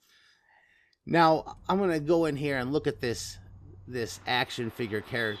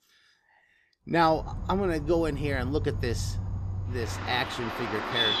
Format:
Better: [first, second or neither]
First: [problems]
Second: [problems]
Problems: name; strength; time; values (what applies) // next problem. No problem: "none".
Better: first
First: animal sounds; faint; from 1 s on; 25 dB below the speech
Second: animal sounds; loud; from 1 s on; 4 dB below the speech